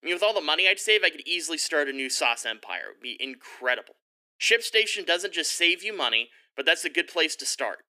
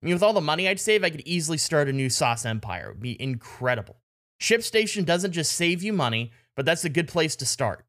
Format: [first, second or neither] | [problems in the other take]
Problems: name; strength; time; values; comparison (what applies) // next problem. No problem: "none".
second | thin; very; fading below 300 Hz